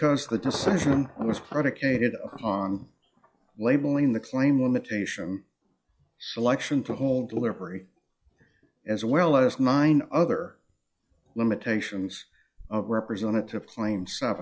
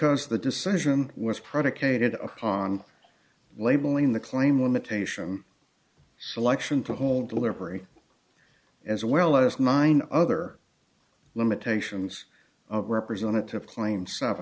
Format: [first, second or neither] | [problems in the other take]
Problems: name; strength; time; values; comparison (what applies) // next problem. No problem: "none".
second | noise reduction (classical method log-MMSE)